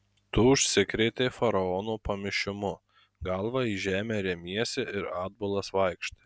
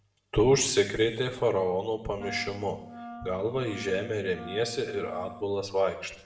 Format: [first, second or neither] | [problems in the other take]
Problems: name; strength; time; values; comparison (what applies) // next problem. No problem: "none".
first | background sound (Wind instrument, woodwind instrument); 15 dB below the speech // room echo; dies away in 0.7 s